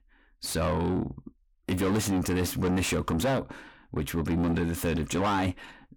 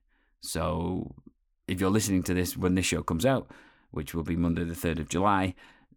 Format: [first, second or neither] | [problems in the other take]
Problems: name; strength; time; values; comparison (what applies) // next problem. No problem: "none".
second | distortion; heavy; 6 dB below the speech